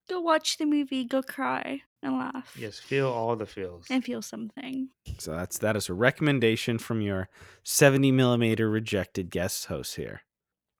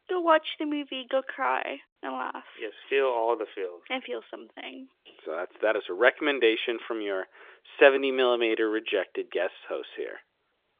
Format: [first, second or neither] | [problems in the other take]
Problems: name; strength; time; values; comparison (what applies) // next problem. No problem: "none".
first | phone-call audio; nothing above 3.5 kHz